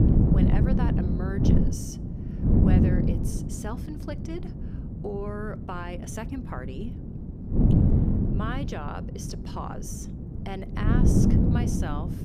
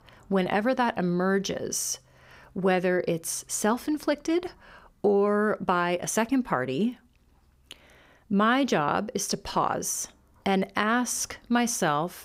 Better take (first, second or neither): second